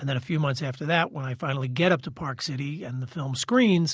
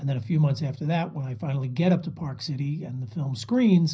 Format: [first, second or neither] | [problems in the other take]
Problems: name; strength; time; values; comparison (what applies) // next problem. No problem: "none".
first | room echo; dies away in 0.4 s